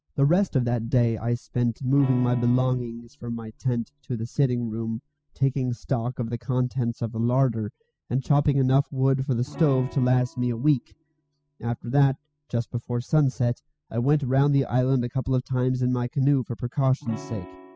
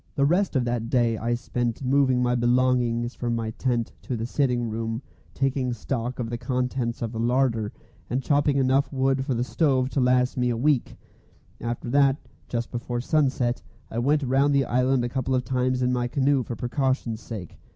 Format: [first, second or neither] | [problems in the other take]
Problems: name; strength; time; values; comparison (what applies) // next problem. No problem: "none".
second | noise reduction (classical method spectral subtraction)